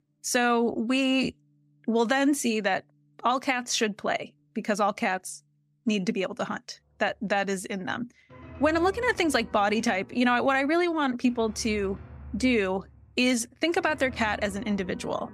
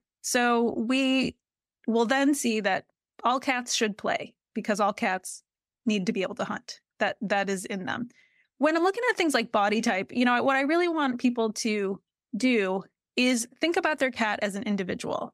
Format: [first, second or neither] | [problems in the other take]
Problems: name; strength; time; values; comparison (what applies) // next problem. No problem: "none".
second | background music; noticeable; throughout; 20 dB below the speech